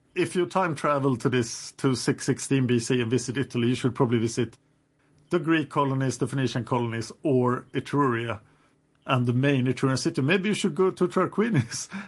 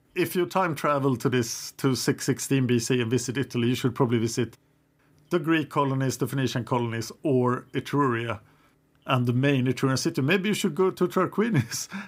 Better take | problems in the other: second | garbled, watery; slightly; nothing above 11 kHz

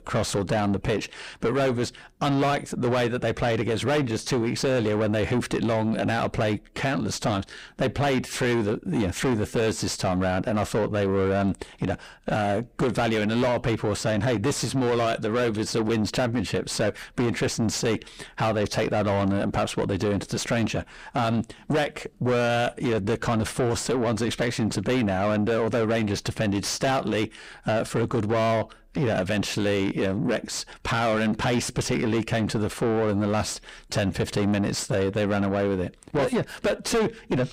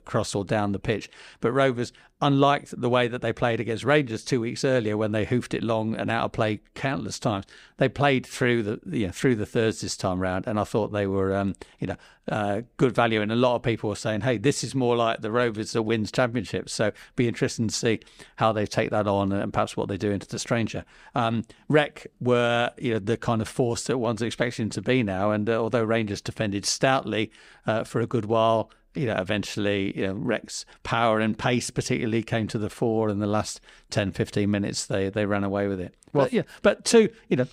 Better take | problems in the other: second | distortion; heavy; 5 dB below the speech

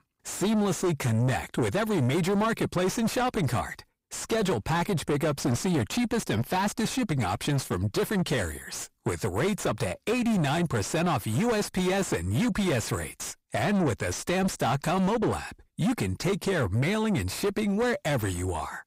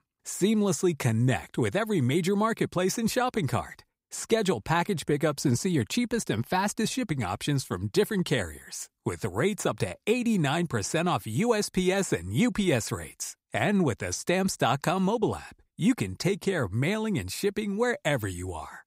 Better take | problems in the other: second | distortion; heavy; 7 dB below the speech

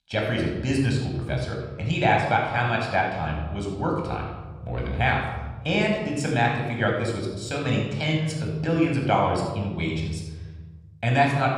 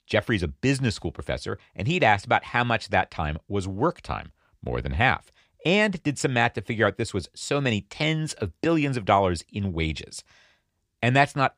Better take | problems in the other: second | off-mic speech; somewhat distant // room echo; noticeable; dies away in 1.4 s

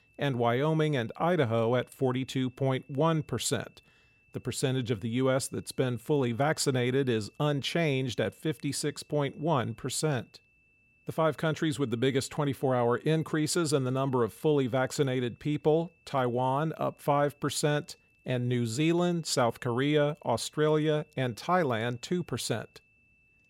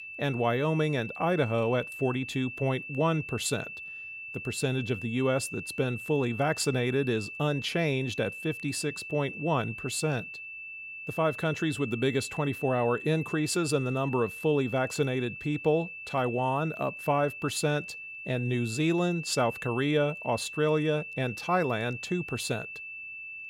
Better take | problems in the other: first | high-pitched whine; loud; throughout; 2.5 kHz, 9 dB below the speech; faint in the first

